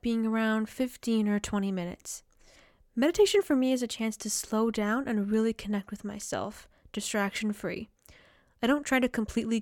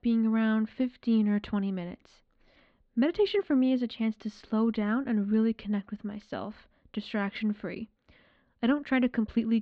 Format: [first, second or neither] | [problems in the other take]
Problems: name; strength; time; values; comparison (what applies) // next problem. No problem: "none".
first | muffled; slightly; fading above 4 kHz